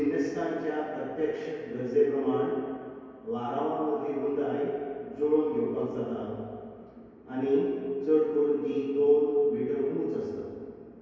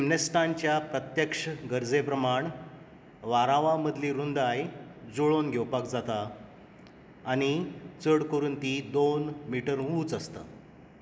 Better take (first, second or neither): second